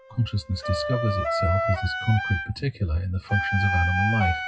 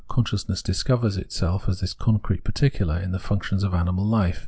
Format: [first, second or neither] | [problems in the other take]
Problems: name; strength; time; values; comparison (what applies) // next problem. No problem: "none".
second | noise reduction (classical method WPE with log-MMSE)